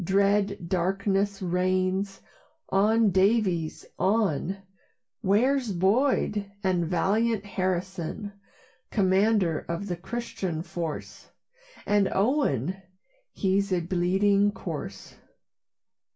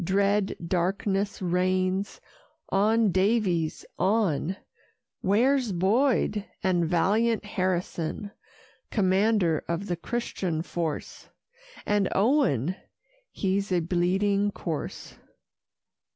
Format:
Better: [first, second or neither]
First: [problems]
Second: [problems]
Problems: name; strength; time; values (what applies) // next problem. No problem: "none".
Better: second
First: room echo; dies away in 0.2 s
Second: none